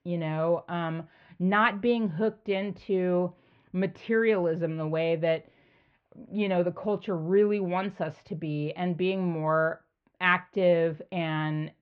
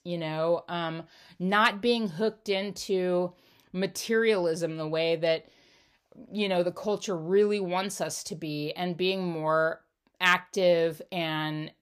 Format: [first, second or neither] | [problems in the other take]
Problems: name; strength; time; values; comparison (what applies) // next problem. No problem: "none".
second | muffled; very; fading above 2.5 kHz